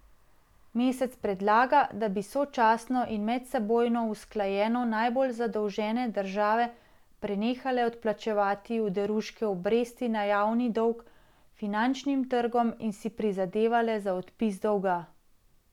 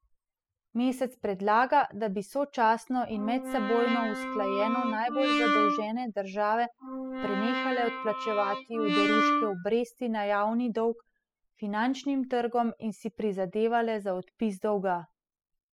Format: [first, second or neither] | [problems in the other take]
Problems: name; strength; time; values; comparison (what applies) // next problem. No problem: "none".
first | noise reduction (classical method spectral subtraction)